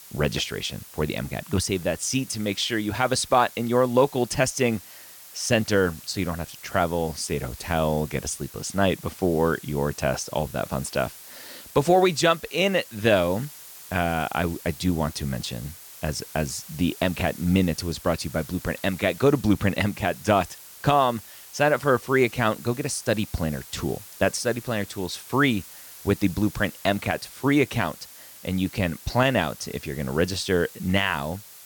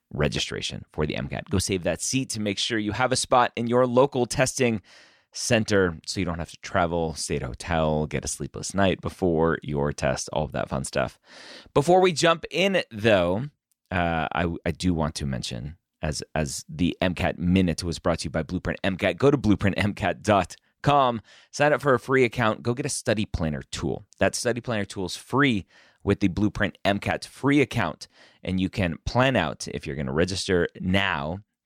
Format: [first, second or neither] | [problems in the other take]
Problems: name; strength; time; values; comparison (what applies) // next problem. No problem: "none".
second | hiss; noticeable; throughout; 15 dB below the speech